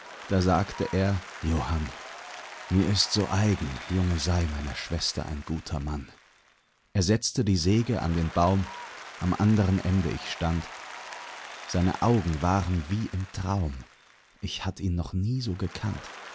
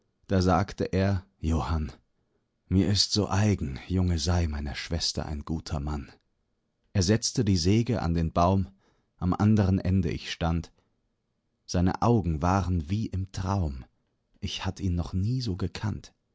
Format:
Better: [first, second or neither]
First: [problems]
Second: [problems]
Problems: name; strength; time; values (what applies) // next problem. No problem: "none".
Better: second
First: background sound (Applause); 16 dB below the speech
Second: none